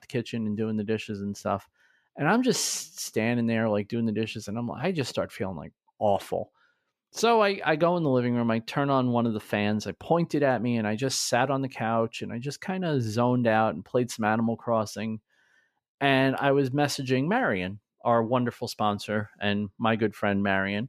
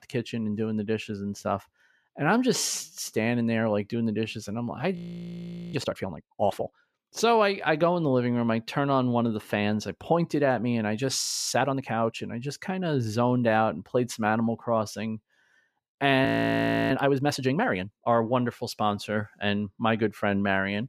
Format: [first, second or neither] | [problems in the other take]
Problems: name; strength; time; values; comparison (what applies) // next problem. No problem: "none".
first | audio freezing; at 5 s for 1 s, at 11 s and at 16 s for 0.5 s